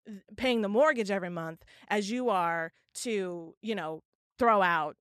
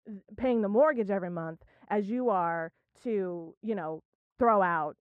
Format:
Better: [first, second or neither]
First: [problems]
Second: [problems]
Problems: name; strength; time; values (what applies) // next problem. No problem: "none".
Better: first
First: none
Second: muffled; very; fading above 2.5 kHz